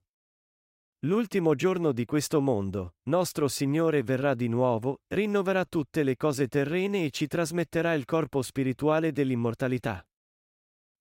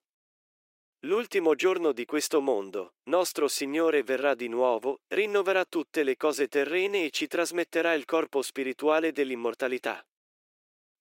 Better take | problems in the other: first | thin; somewhat; fading below 350 Hz

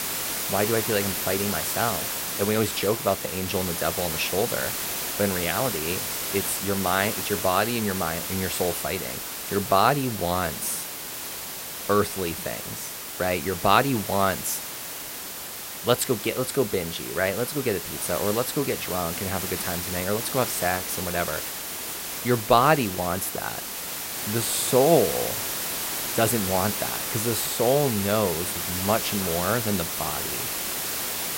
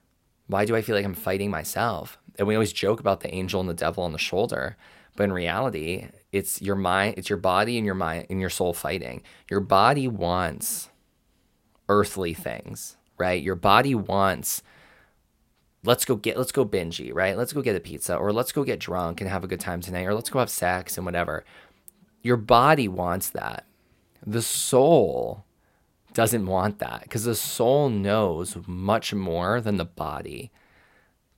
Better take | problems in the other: second | hiss; loud; throughout; 3 dB below the speech

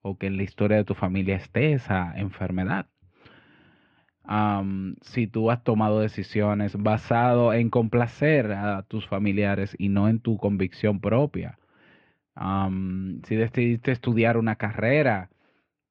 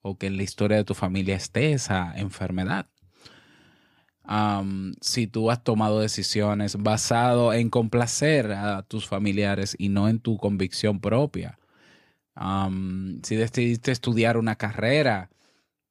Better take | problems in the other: second | muffled; very; fading above 2.5 kHz

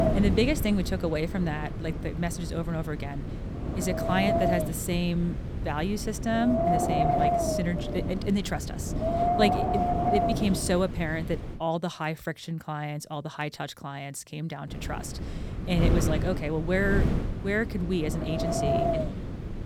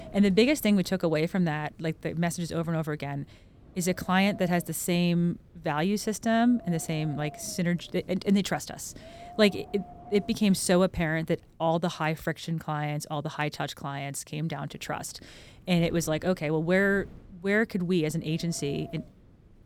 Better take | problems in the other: second | wind noise on the microphone; heavy; until 12 s and from 15 s on; 4 dB above the speech; occasional gusts in the second

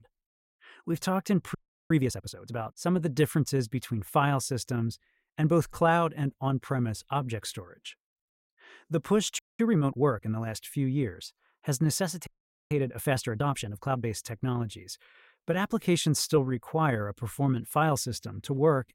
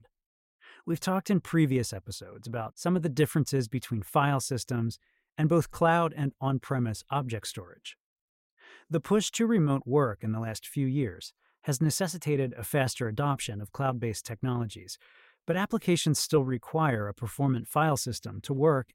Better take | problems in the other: second | audio freezing; at 1.5 s, at 9.5 s and at 12 s

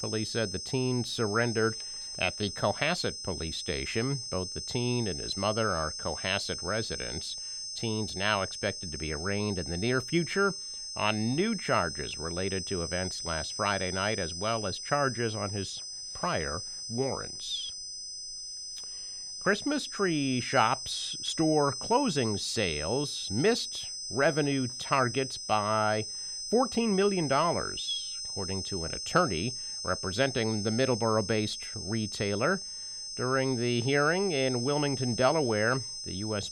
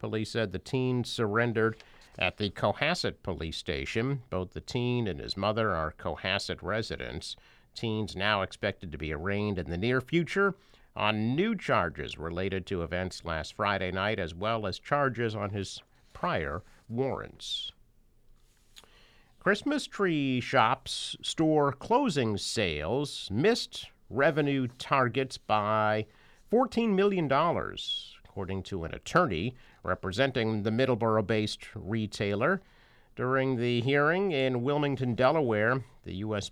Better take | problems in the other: second | high-pitched whine; loud; throughout; 5 kHz, 5 dB below the speech

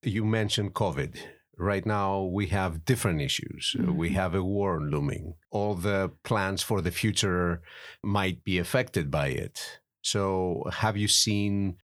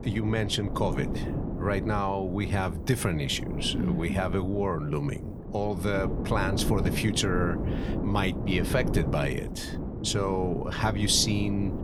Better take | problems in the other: first | wind noise on the microphone; heavy; 9 dB below the speech

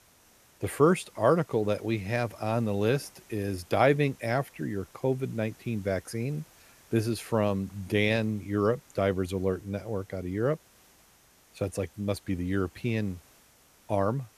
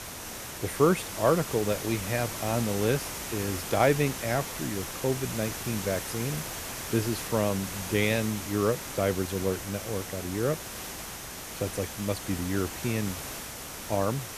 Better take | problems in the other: first | hiss; loud; throughout; 6 dB below the speech; faint in the first

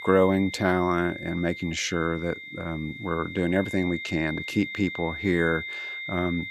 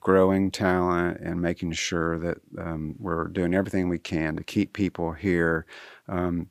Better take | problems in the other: second | high-pitched whine; loud; throughout; 2 kHz, 8 dB below the speech

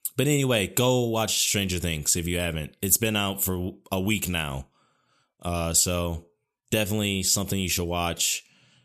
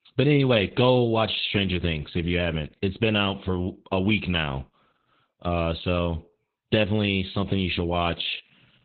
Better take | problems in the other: first | garbled, watery; badly; nothing above 4 kHz

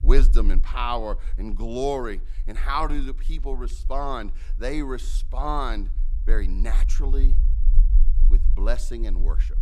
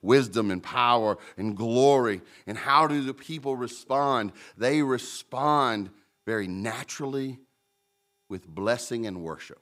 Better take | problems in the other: second | low rumble; faint; throughout; 20 dB below the speech

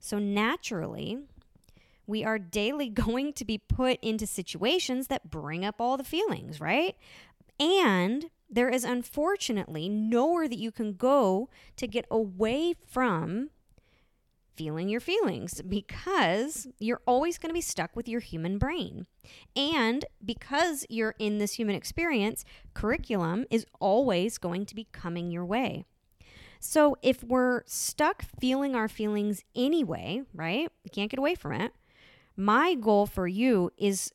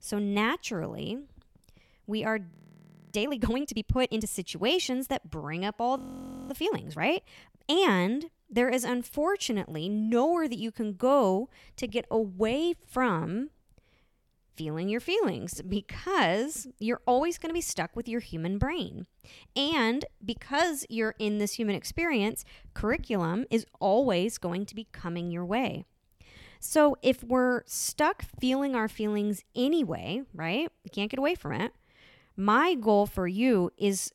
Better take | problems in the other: first | audio freezing; at 2.5 s for 0.5 s and at 6 s for 0.5 s

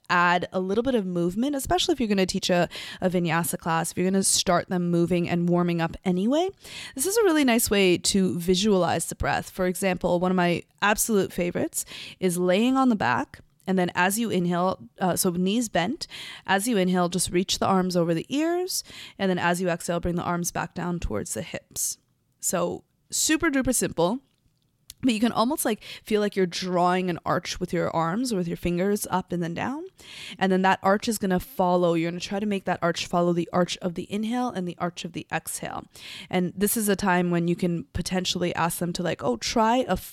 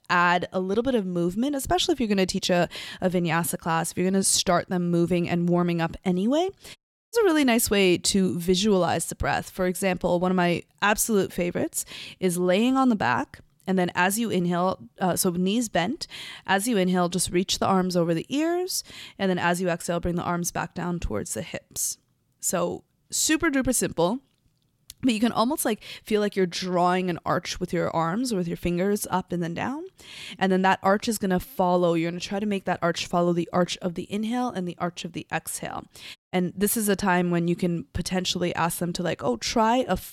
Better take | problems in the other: first | audio cutting out; at 7 s and at 36 s

